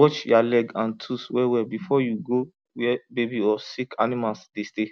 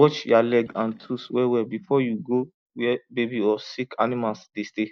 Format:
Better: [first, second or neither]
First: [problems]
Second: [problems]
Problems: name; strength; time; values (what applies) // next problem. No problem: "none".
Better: first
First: none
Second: noise reduction (neural mask model DeepFilterNet 3)